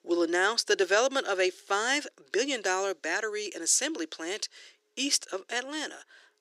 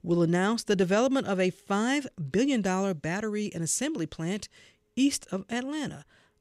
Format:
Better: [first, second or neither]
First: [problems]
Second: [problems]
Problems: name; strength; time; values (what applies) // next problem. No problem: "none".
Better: second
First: thin; very; fading below 350 Hz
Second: none